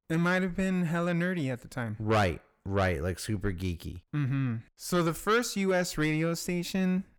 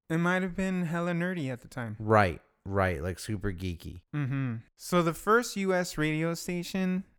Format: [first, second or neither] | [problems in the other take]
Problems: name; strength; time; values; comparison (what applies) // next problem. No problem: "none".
second | distortion; slight; 10 dB below the speech